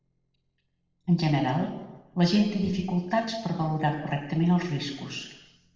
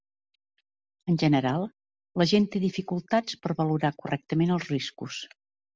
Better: second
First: noise reduction (neural separator model SepFormer DNS4)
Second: none

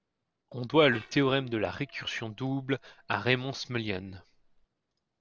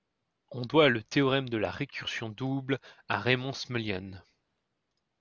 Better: second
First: noise reduction (neural separator model SepFormer DNS4)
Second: none

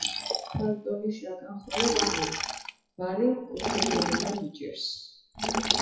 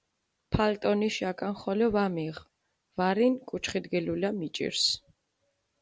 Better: second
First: noise reduction (classical method WPE with log-MMSE)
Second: none

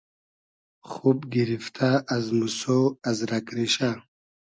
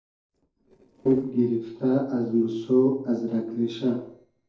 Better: first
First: none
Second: noise reduction (neural separator model SepFormer DNS4)

